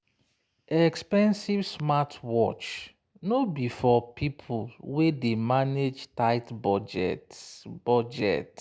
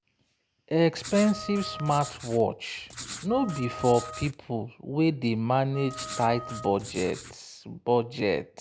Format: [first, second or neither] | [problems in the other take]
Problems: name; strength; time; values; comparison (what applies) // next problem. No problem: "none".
first | background sound (Wind instrument, woodwind instrument + Writing); 12 dB below the speech